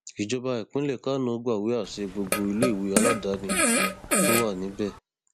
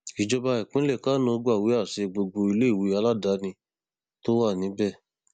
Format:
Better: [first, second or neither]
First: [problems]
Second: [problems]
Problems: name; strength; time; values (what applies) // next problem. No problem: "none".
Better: second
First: background sound (Fart); 2 dB above the speech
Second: none